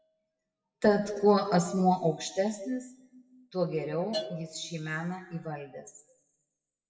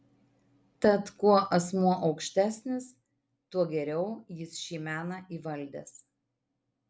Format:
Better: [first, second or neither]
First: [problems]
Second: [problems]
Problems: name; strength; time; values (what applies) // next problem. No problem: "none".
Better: second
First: noise reduction (classical method WPE with log-MMSE)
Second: none